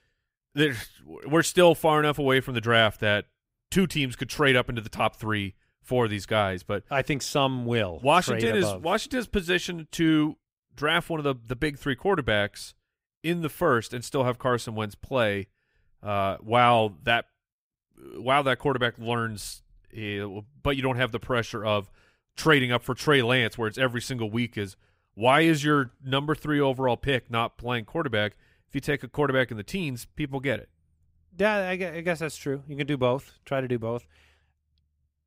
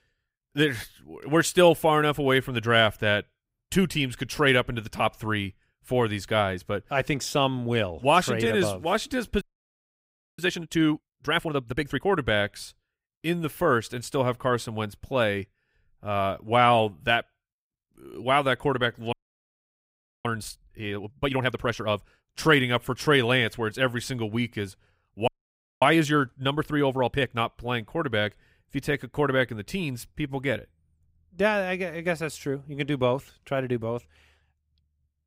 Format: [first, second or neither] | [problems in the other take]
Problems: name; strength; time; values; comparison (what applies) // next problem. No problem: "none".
first | audio freezing; at 9.5 s for 1 s, at 19 s for 1 s and at 25 s for 0.5 s